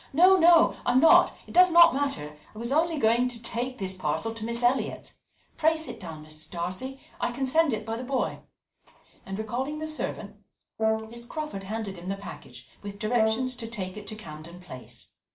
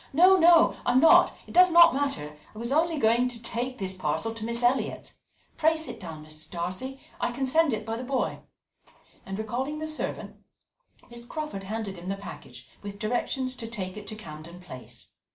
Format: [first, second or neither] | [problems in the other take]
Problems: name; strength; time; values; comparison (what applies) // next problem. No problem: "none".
second | background sound (Brass instrument); 5 dB below the speech